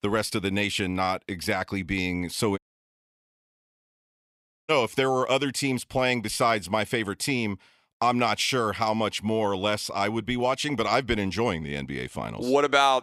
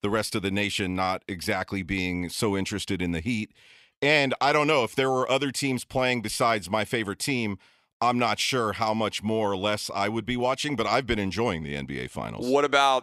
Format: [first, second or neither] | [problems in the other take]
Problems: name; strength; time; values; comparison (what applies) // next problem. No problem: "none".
second | audio cutting out; at 2.5 s for 2 s